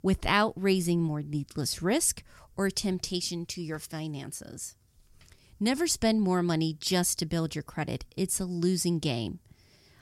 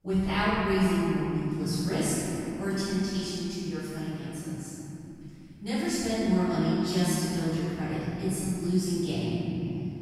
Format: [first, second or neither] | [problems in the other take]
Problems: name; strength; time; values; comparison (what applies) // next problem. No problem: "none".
first | off-mic speech; far // room echo; strong; dies away in 3 s